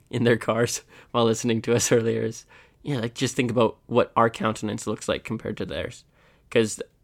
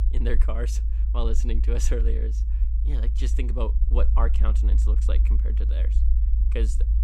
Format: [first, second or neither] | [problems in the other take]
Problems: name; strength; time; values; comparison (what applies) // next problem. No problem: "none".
first | low rumble; loud; throughout; 8 dB below the speech